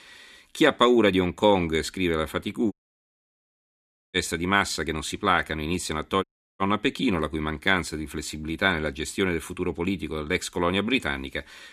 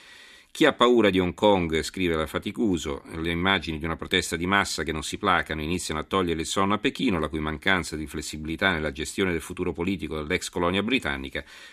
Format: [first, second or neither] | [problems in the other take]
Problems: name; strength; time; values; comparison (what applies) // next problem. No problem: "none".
second | audio cutting out; at 2.5 s for 1.5 s and at 6 s